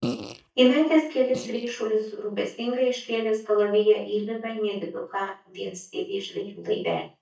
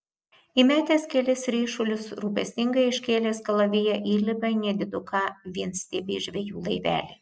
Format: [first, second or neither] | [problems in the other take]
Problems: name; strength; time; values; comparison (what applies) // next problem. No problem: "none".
second | noise reduction (neural mask model DeepFilterNet 3)